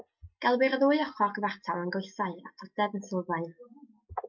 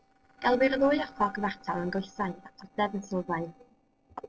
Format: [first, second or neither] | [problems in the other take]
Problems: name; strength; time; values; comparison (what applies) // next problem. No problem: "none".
first | noise reduction (neural separator model SepFormer DNS4)